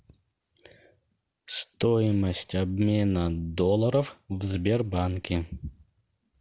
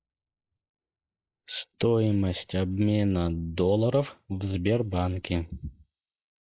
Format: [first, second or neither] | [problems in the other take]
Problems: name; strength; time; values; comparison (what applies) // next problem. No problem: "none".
first | noise reduction (neural mask model Resemble Enhance denoiser)